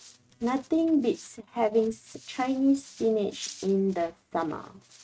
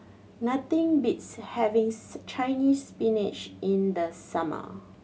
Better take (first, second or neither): second